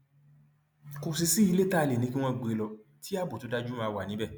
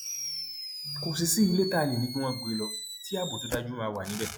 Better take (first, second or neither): first